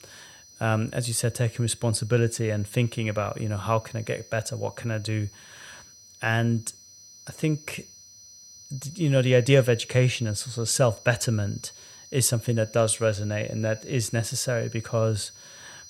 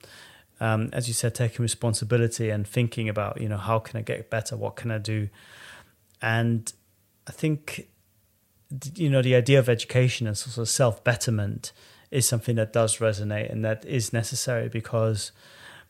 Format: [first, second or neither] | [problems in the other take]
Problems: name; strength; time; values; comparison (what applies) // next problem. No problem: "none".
second | high-pitched whine; noticeable; throughout; 6 kHz, 20 dB below the speech